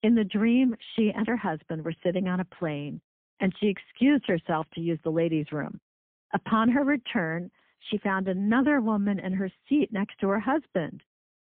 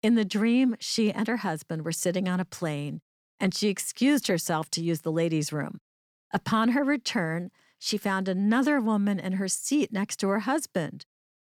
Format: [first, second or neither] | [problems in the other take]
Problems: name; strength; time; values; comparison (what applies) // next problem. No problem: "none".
second | phone-call audio; poor line; nothing above 3.5 kHz